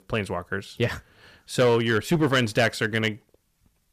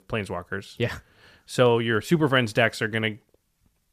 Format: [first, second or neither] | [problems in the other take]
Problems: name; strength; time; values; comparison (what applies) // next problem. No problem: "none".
second | distortion; slight; 4% of the sound clipped